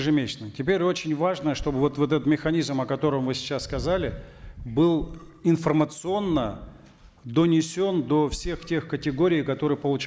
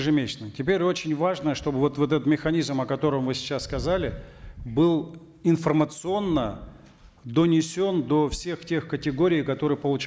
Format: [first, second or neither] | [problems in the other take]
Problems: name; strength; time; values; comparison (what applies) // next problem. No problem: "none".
second | background sound (Burping, eructation); 17 dB below the speech